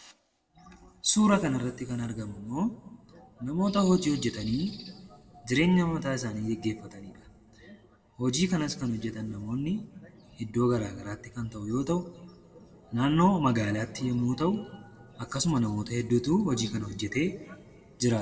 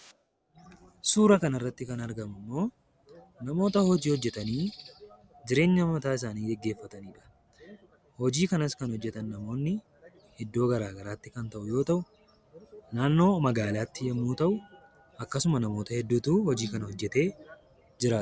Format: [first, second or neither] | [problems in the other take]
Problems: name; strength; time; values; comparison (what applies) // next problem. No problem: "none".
second | room echo; dies away in 1.3 s